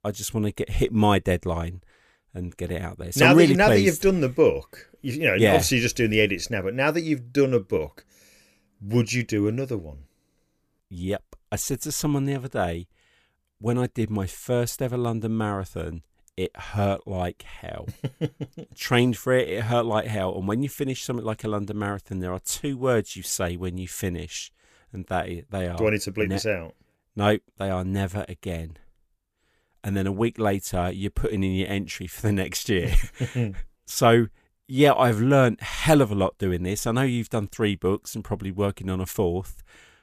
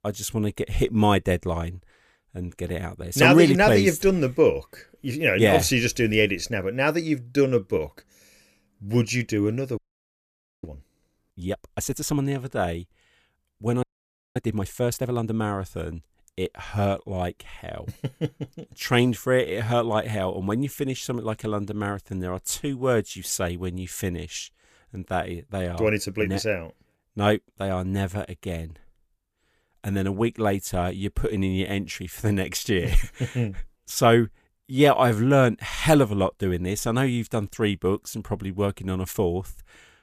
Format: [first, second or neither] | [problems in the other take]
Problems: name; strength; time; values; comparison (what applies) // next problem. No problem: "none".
first | audio freezing; at 10 s for 1 s and at 14 s for 0.5 s